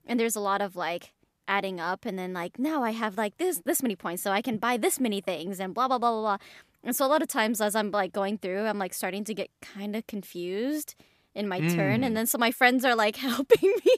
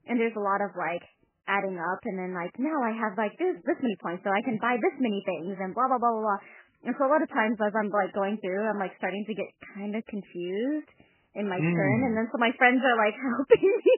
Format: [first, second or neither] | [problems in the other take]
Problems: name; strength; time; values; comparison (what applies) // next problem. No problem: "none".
first | garbled, watery; badly; nothing above 3 kHz